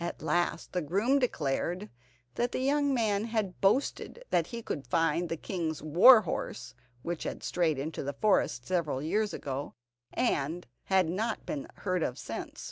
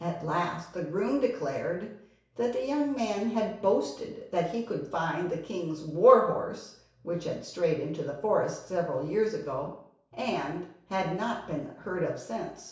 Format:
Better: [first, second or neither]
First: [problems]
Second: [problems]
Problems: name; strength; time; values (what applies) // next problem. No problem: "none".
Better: first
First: none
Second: room echo; dies away in 0.6 s